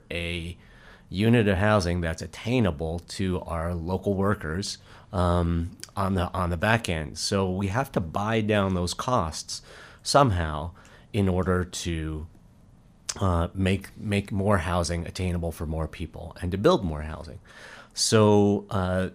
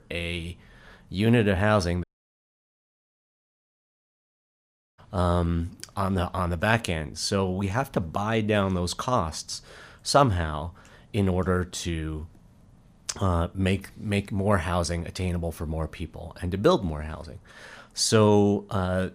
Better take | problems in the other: first | audio cutting out; at 2 s for 3 s

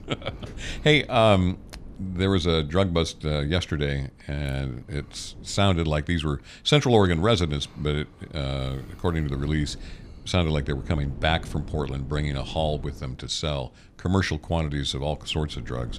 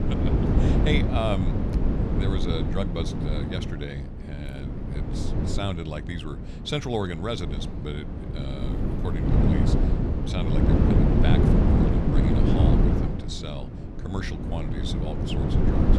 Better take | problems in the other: first | wind noise on the microphone; heavy; 2 dB above the speech; occasional gusts in the first

